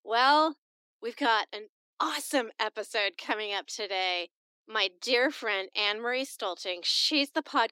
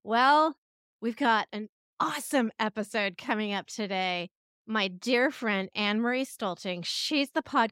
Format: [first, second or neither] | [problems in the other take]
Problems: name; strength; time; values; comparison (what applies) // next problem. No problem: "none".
second | thin; very slightly; fading below 300 Hz